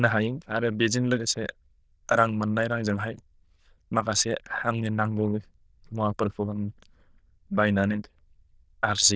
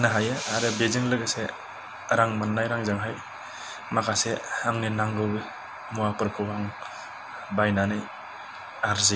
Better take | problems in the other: second | noise reduction (neural diffusion model UNIVERSE++)

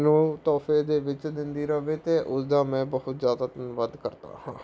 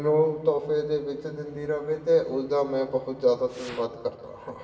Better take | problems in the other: first | background sound (Fire); 16 dB below the speech // room echo; dies away in 2.6 s

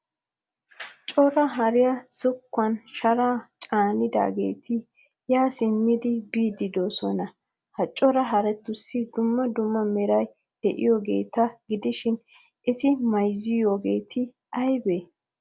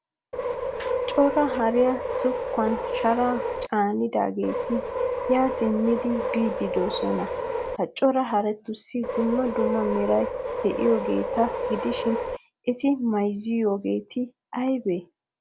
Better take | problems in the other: first | background sound (Subway, metro, underground); 3 dB below the speech

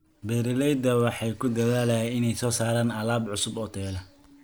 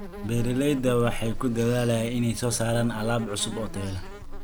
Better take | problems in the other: first | background sound (Insect); 8 dB below the speech

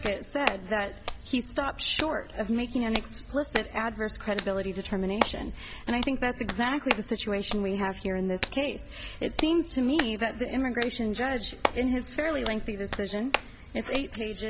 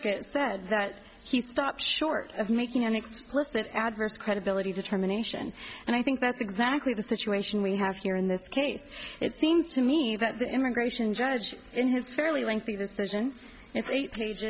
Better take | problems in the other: second | background sound (Hands); 7 dB below the speech

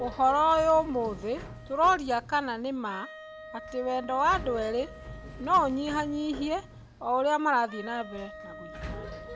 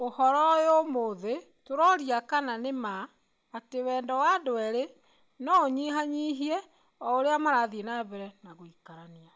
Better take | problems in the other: second | background sound (Sliding door + Wind instrument, woodwind instrument); 14 dB below the speech

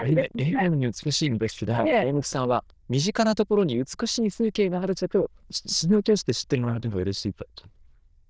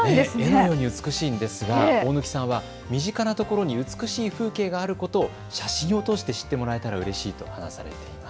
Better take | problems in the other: second | noise reduction (neural diffusion model UNIVERSE++)

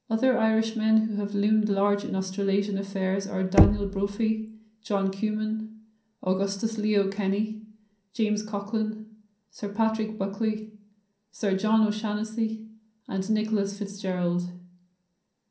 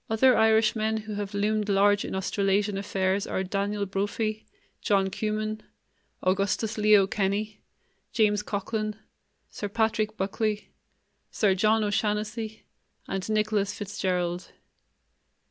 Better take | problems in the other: second | background sound (Knock); as loud as the speech // room echo; dies away in 0.6 s

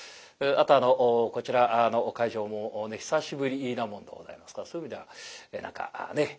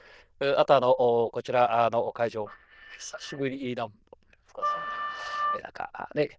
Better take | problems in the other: first | noise reduction (neural diffusion model UNIVERSE++)

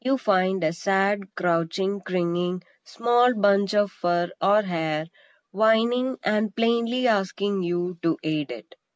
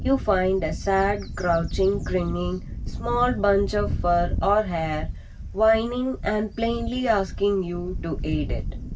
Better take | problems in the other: first | background sound (Wind / Bird); 6 dB below the speech // room echo; dies away in 0.2 s

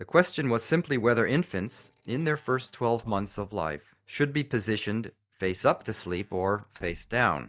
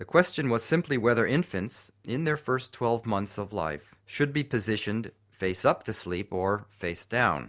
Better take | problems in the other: second | noise reduction (neural mask model DeepFilterNet 3)

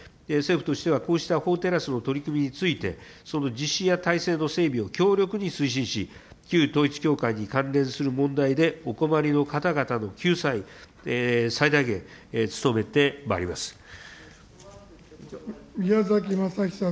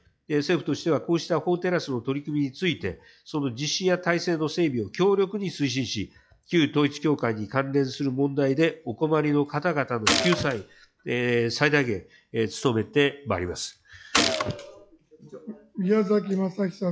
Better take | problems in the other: first | noise reduction (classical method log-MMSE)

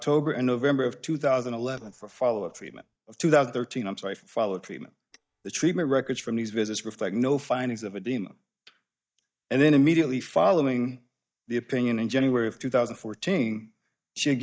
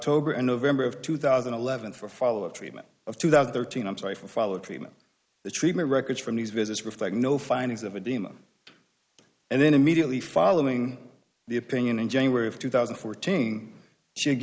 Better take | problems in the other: second | noise reduction (neural mask model DeepFilterNet 3)

